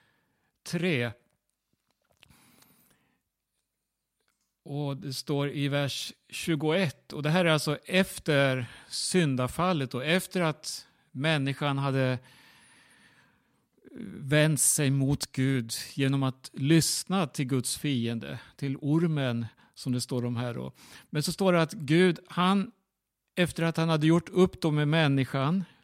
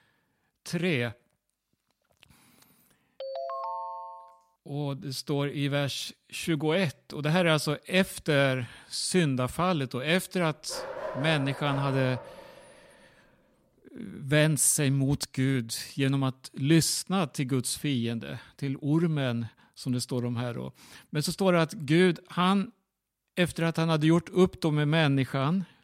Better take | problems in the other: first | phone ringing; noticeable; from 3 to 4.5 s; peak 7 dB below the speech // dog barking; noticeable; from 11 to 13 s; peak 8 dB below the speech

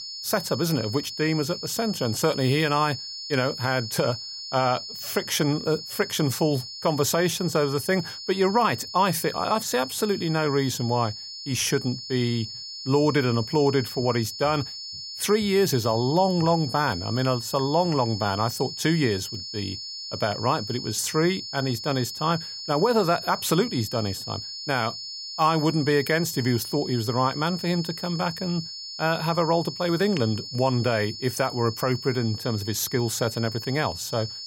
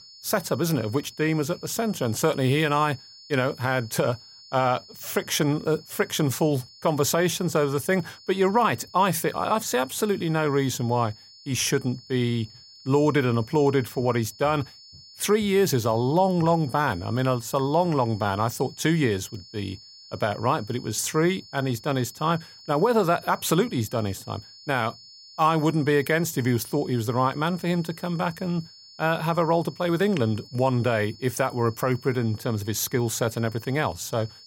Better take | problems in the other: second | high-pitched whine; loud; throughout; 5 kHz, 9 dB below the speech; faint in the second

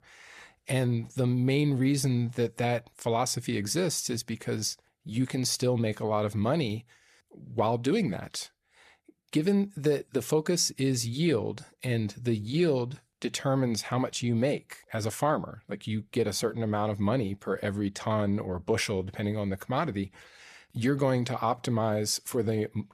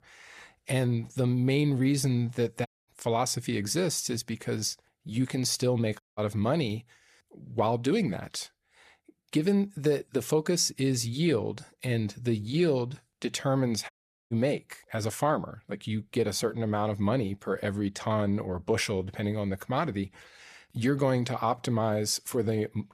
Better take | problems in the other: first | audio cutting out; at 2.5 s, at 6 s and at 14 s

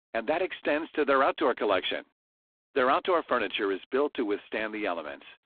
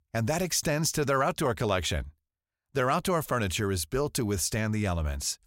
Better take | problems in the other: second | phone-call audio; poor line

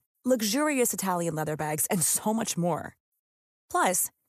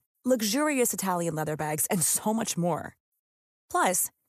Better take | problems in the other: neither | none

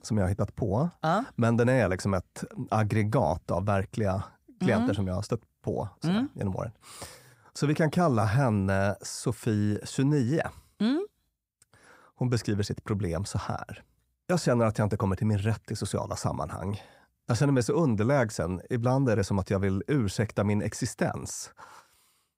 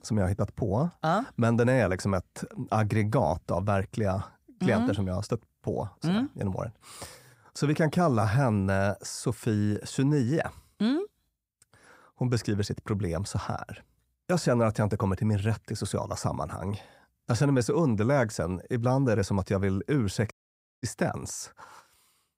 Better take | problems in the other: first | audio cutting out; at 20 s for 0.5 s

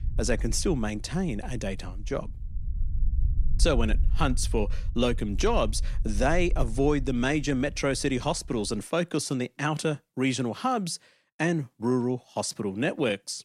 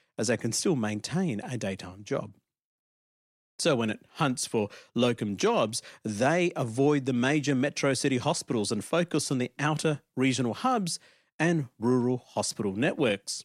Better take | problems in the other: second | low rumble; faint; until 9 s; 25 dB below the speech

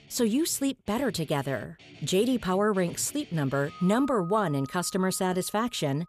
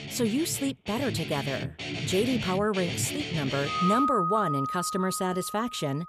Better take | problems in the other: first | background music; loud; throughout; 3 dB below the speech; faint in the first

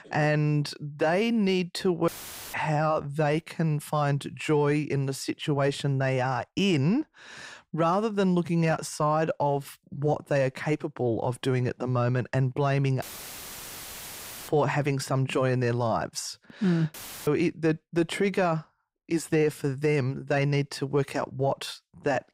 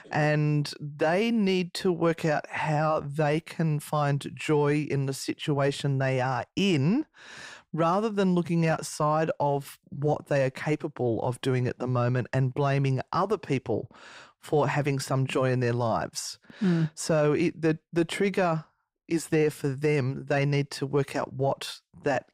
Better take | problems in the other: second | audio cutting out; filled with static; at 2 s, at 13 s for 1.5 s and at 17 s

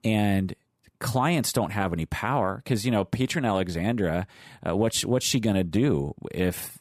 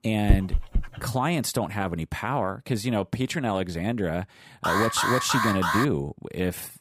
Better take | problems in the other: first | dog barking; loud; at 0.5 s; peak 2 dB above the speech // alarm; loud; from 4.5 to 6 s; peak 3 dB above the speech

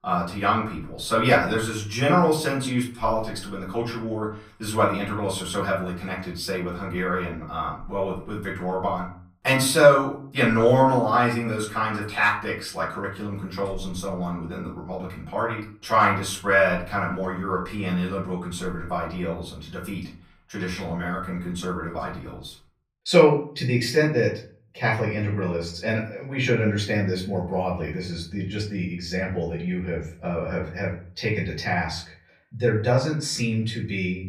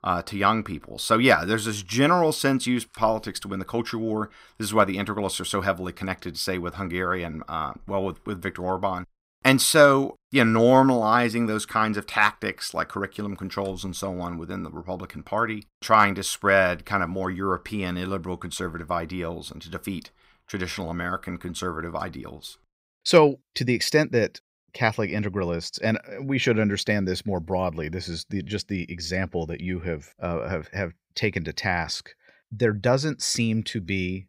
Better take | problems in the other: second | off-mic speech; far // room echo; slight; dies away in 0.4 s

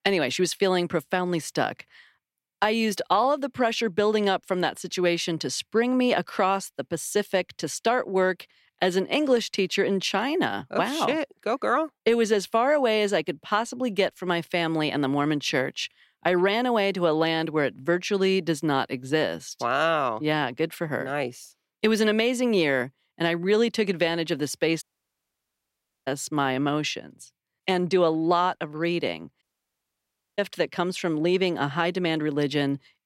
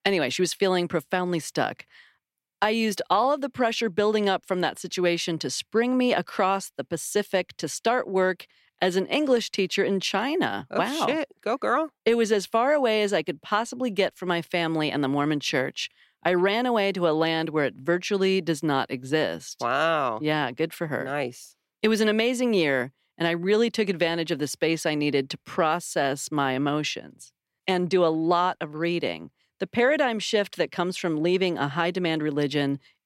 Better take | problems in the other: second | audio cutting out; at 25 s for 1 s and at 29 s for 1 s

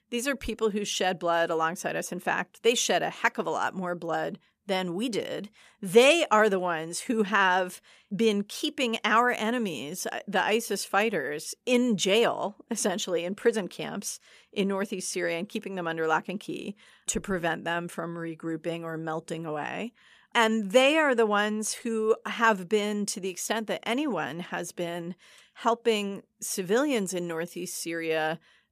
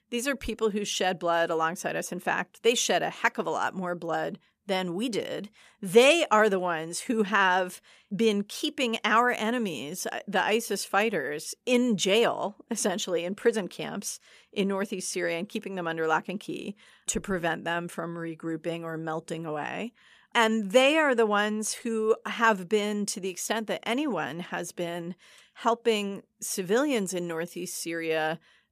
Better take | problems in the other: neither | none

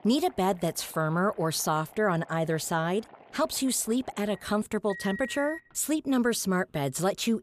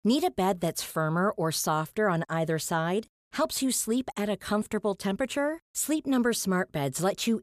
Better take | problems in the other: second | household noises; noticeable; throughout; 20 dB below the speech

